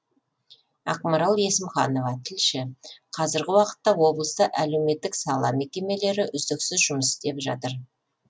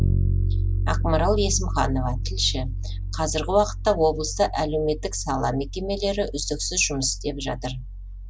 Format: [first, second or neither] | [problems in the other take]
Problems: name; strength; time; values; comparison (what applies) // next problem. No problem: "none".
first | background sound (Bass guitar); 1 dB below the speech